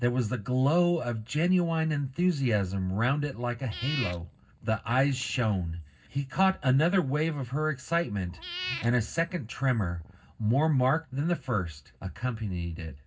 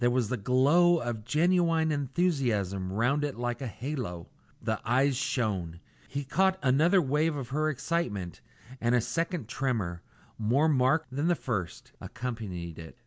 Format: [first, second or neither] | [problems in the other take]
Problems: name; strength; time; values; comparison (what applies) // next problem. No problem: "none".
second | background sound (Meow / Purr); 15 dB below the speech // room echo; dies away in 0.4 s